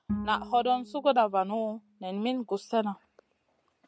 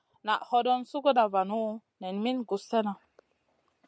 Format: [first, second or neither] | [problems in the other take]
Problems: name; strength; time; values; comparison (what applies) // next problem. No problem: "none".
second | background sound (Bowed string instrument); 12 dB below the speech